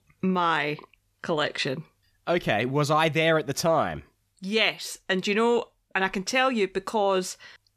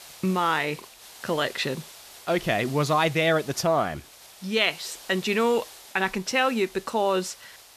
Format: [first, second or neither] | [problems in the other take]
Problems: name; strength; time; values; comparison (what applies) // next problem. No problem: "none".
first | hiss; noticeable; throughout; 20 dB below the speech